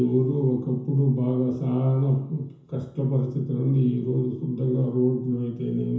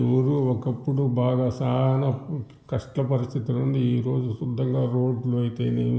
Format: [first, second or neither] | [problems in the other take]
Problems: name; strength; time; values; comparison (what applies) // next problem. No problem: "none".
second | room echo; dies away in 0.6 s